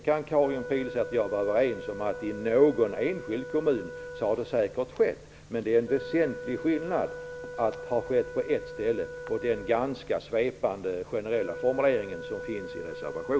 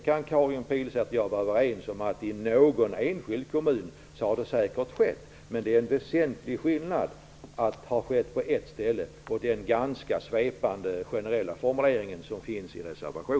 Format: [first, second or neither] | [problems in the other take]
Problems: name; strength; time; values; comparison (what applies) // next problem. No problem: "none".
second | background sound (Wind instrument, woodwind instrument); 12 dB below the speech